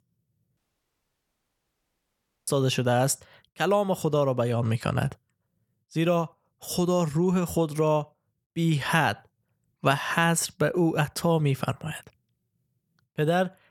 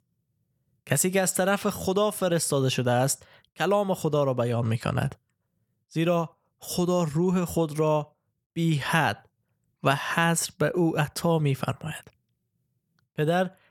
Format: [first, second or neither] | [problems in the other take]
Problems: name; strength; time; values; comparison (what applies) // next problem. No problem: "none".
second | audio cutting out; at 0.5 s for 2 s